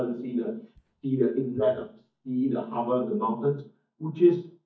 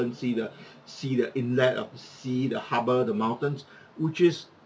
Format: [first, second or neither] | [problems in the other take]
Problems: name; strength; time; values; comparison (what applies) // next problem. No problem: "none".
second | noise reduction (neural mask model DeepFilterNet 3)